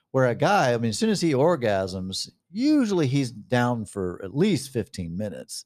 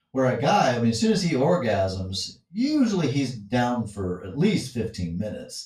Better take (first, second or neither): first